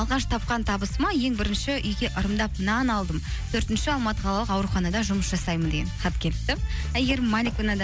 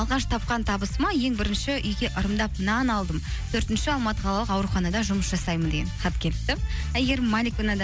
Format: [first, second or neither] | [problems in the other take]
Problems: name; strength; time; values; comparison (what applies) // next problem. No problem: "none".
second | background sound (Run); 19 dB below the speech